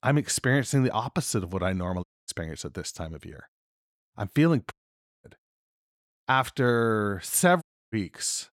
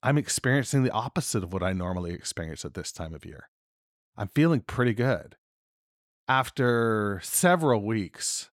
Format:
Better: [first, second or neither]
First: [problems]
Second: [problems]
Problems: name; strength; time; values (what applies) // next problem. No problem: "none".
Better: second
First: audio cutting out; at 2 s, at 4.5 s for 0.5 s and at 7.5 s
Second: none